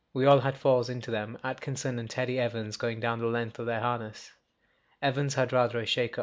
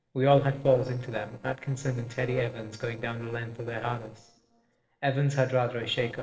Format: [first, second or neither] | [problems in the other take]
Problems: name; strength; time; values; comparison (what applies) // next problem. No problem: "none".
first | noise reduction (neural separator model SepFormer DNS4)